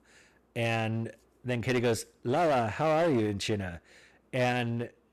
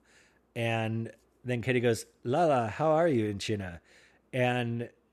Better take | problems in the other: second | distortion; slight; 11% of the sound clipped

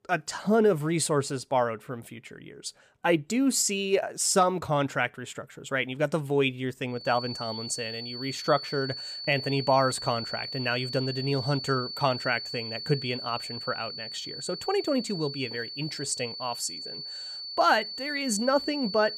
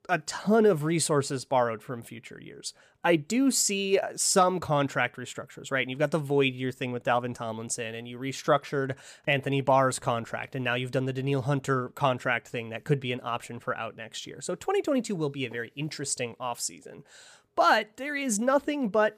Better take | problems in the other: second | high-pitched whine; loud; from 7 s on; 4.5 kHz, 7 dB below the speech

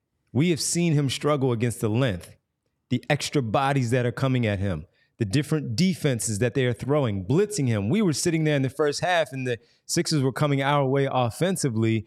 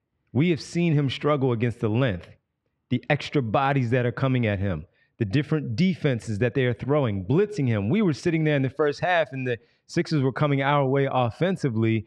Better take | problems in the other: first | muffled; slightly; fading above 2.5 kHz

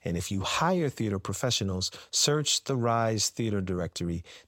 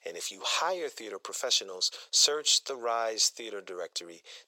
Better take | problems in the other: first | thin; very; fading below 450 Hz

